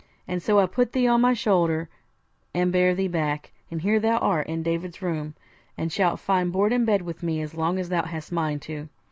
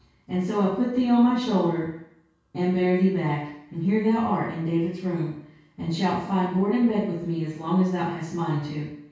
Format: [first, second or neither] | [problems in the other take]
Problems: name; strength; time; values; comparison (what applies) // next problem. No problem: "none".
first | room echo; dies away in 0.6 s